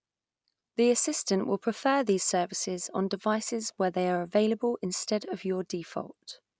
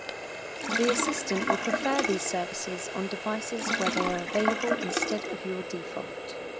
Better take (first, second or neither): first